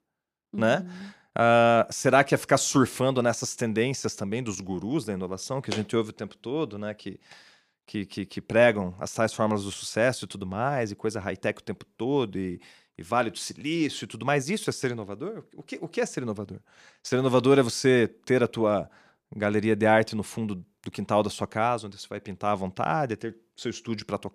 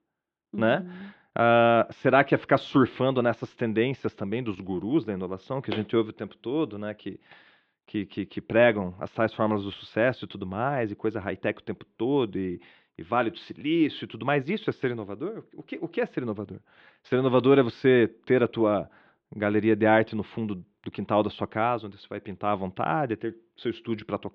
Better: first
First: none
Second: muffled; very; fading above 3.5 kHz

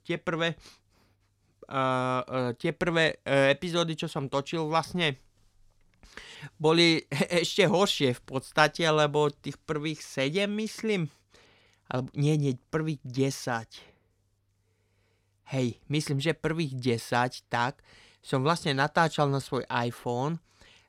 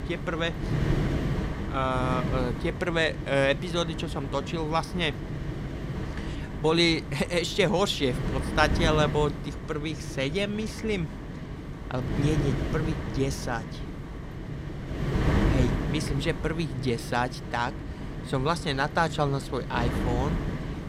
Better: first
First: none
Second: wind noise on the microphone; heavy; 9 dB below the speech

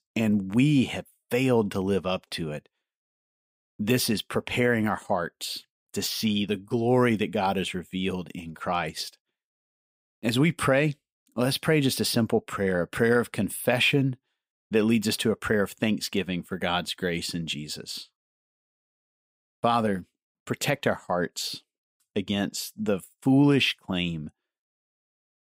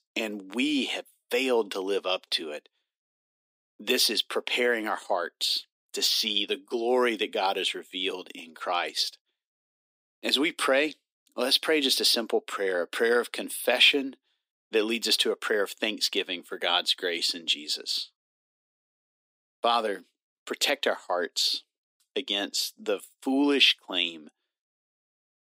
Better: first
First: none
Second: thin; somewhat; fading below 300 Hz

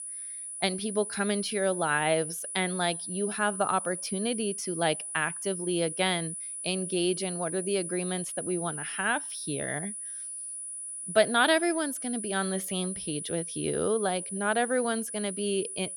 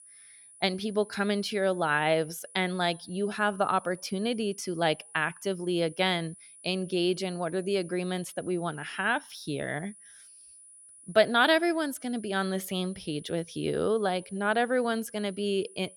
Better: second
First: high-pitched whine; loud; throughout; 10 kHz, 6 dB below the speech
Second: high-pitched whine; faint; throughout; 10 kHz, 20 dB below the speech

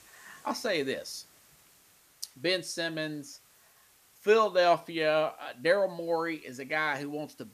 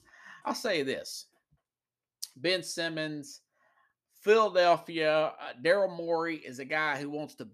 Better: second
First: hiss; faint; throughout; 30 dB below the speech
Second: none

